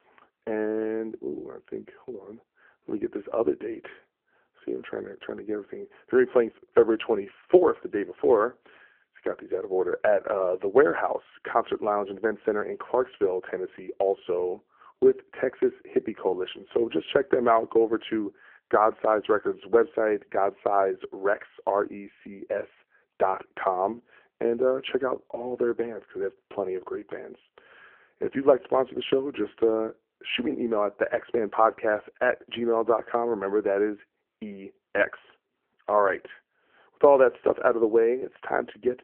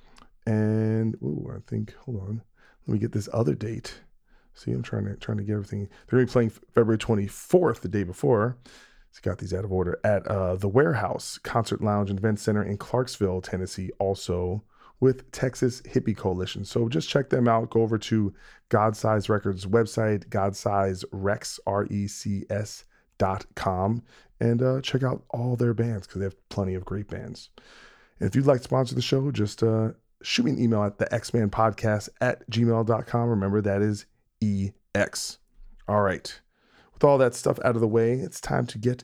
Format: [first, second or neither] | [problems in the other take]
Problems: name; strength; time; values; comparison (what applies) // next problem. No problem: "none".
second | phone-call audio; poor line; nothing above 3 kHz